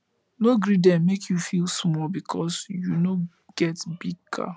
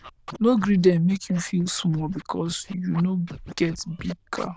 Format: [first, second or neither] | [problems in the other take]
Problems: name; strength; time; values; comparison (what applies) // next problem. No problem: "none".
first | noise reduction (neural diffusion model UNIVERSE++)